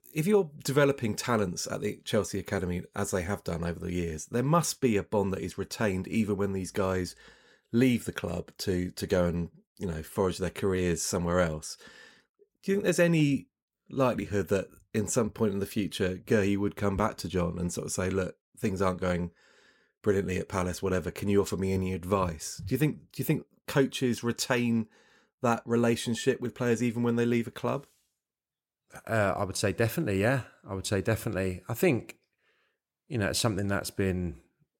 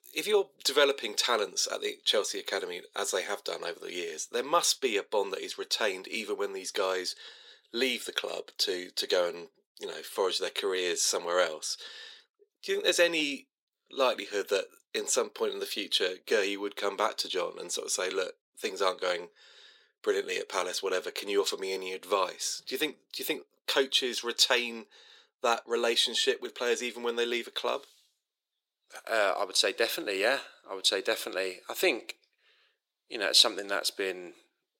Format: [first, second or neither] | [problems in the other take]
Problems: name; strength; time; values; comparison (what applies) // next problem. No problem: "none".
first | thin; very; fading below 350 Hz